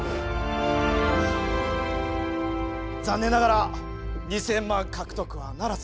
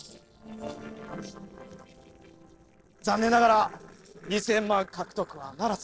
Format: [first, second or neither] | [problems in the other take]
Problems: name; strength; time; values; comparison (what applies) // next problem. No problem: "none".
first | noise reduction (neural separator model SepFormer DNS4)